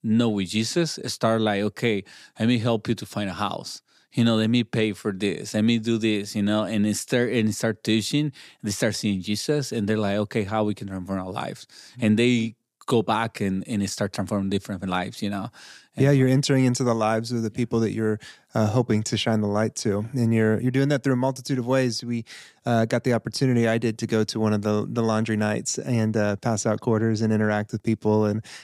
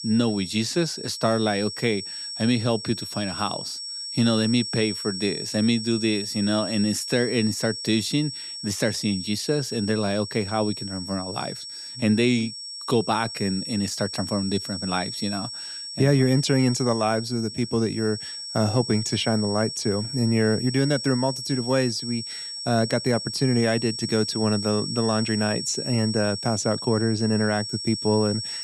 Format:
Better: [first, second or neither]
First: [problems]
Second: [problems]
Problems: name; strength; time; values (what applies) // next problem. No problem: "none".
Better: first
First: none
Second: high-pitched whine; loud; throughout; 5.5 kHz, 7 dB below the speech